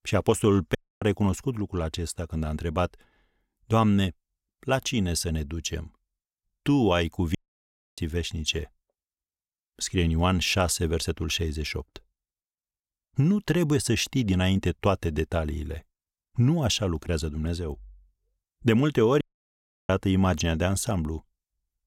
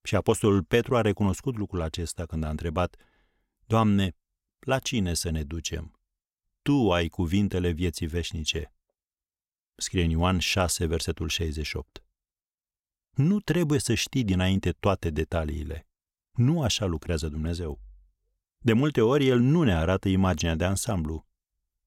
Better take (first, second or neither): second